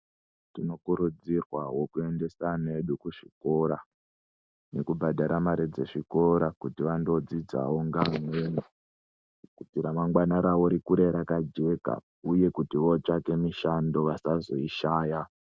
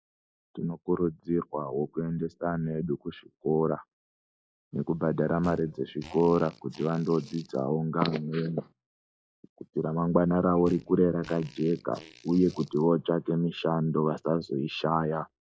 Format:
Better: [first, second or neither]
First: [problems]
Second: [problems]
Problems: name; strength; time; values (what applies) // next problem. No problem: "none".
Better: first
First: none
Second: noise reduction (classical method log-MMSE)